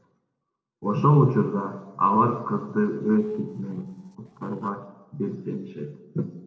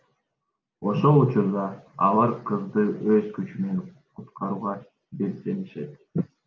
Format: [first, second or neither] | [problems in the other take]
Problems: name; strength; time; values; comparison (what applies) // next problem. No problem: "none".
second | noise reduction (neural separator model SepFormer DNS4)